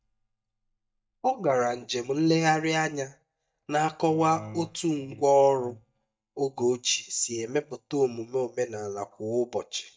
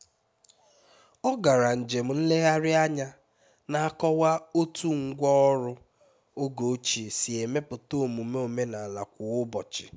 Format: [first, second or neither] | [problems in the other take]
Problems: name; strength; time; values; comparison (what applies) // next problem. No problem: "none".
second | noise reduction (neural mask model DeepFilterNet 3)